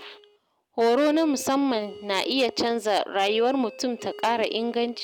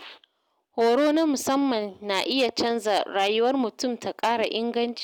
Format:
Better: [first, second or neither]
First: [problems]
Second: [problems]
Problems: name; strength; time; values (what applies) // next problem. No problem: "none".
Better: second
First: background sound (Doorbell); 19 dB below the speech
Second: none